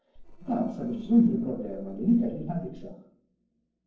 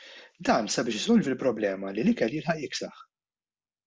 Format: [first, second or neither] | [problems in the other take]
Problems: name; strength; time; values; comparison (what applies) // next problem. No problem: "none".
second | noise reduction (neural separator model SepFormer DNS4)